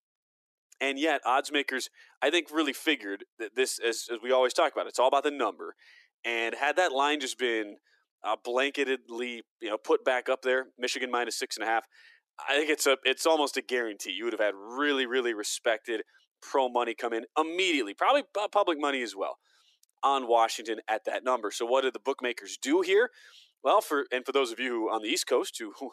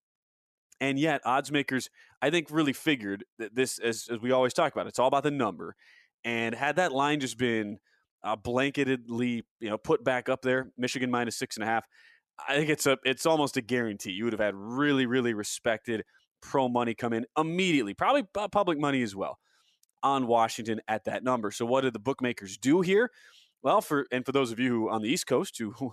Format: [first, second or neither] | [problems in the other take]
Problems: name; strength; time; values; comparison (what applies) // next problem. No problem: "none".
second | thin; somewhat; fading below 300 Hz